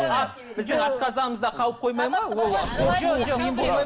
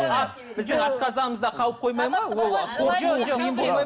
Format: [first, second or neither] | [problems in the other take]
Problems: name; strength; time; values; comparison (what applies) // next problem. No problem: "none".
second | background sound (Tearing); 14 dB below the speech